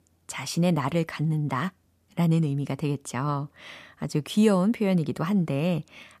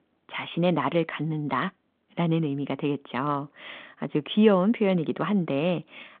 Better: first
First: none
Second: phone-call audio

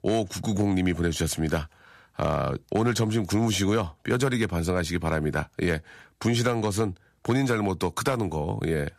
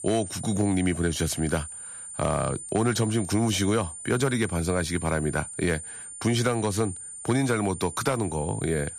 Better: first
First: none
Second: high-pitched whine; loud; throughout; 9 kHz, 10 dB below the speech

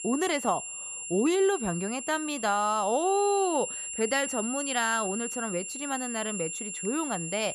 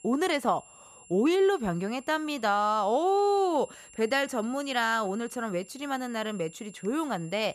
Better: second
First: high-pitched whine; loud; throughout; 7.5 kHz, 5 dB below the speech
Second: high-pitched whine; faint; throughout; 7.5 kHz, 20 dB below the speech

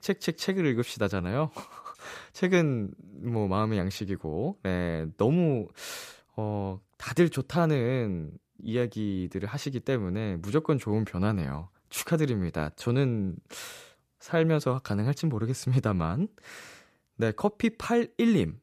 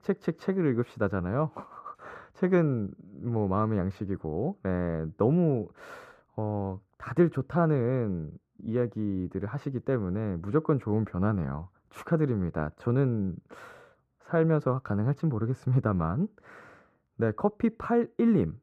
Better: first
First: none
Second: muffled; very; fading above 2 kHz

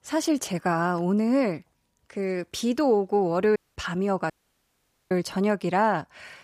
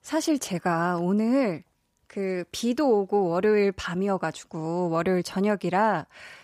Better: second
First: audio cutting out; at 3.5 s and at 4.5 s for 1 s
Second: none

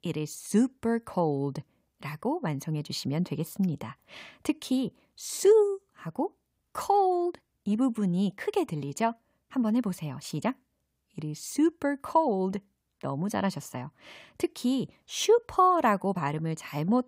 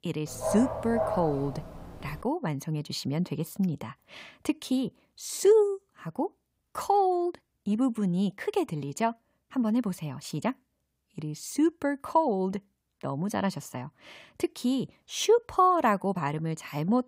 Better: first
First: none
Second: dog barking; noticeable; until 2 s; peak 2 dB below the speech

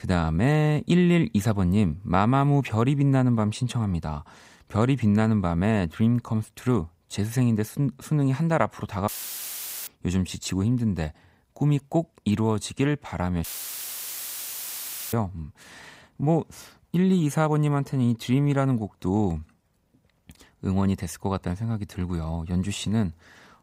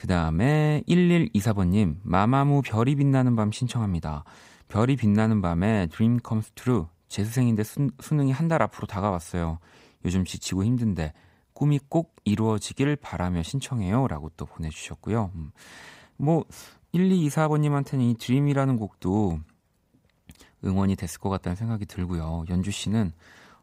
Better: second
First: audio cutting out; filled with static; at 9 s for 1 s and at 13 s for 1.5 s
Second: none

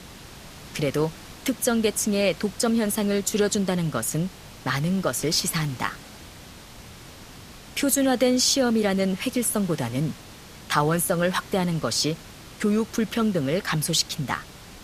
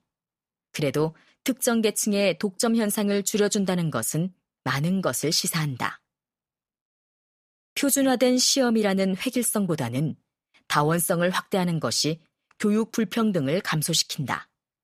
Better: second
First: hiss; noticeable; throughout; 20 dB below the speech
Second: none

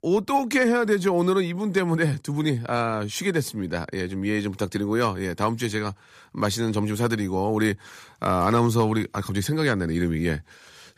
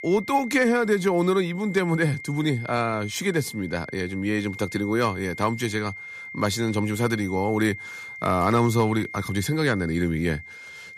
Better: first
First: none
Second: high-pitched whine; noticeable; throughout; 2 kHz, 15 dB below the speech

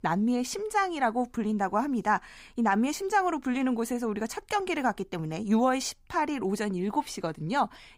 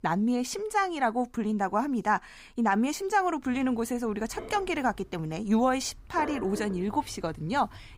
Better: first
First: none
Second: dog barking; noticeable; from 3.5 s on; peak 10 dB below the speech

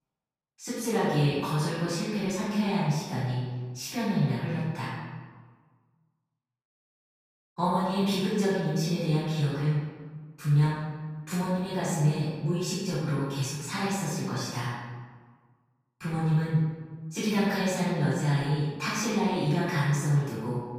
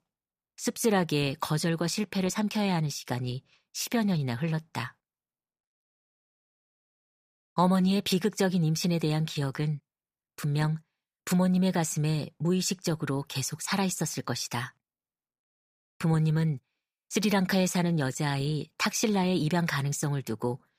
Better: second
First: off-mic speech; far // room echo; strong; dies away in 1.3 s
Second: none

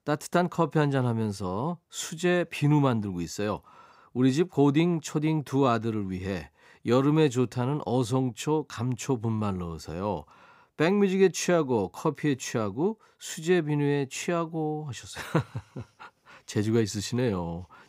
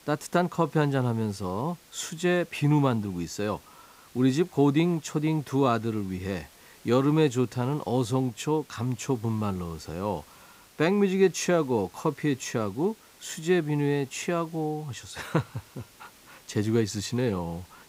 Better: first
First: none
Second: hiss; faint; throughout; 25 dB below the speech

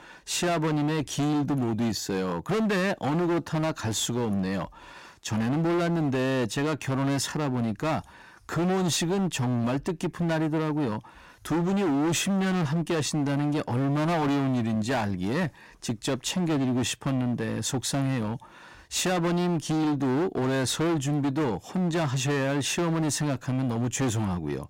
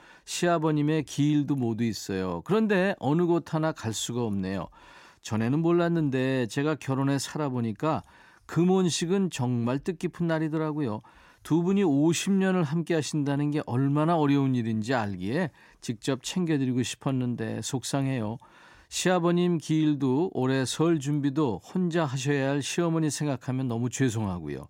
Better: second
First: distortion; heavy; 27% of the sound clipped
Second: none

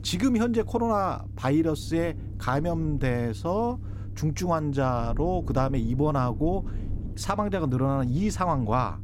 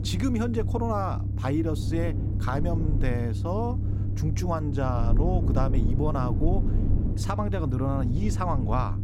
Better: first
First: low rumble; faint; throughout; 20 dB below the speech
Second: low rumble; loud; throughout; 8 dB below the speech

